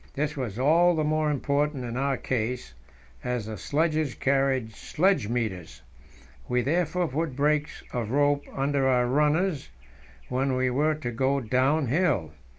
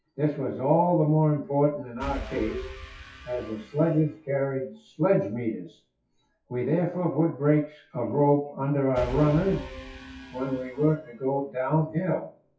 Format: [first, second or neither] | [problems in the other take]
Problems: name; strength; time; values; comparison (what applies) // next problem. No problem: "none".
first | noise reduction (classical method WPE with log-MMSE)